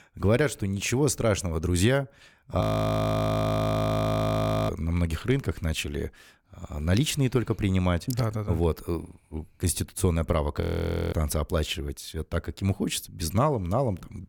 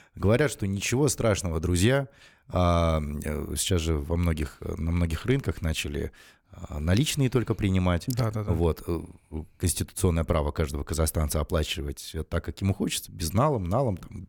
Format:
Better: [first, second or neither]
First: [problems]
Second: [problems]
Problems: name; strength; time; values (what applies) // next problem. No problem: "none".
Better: second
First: audio freezing; at 2.5 s for 2 s and at 11 s for 0.5 s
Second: none